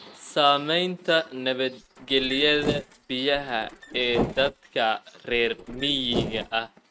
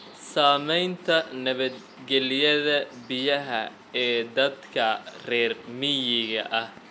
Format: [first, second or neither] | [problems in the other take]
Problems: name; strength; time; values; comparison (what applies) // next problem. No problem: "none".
second | noise reduction (neural mask model RNNoise)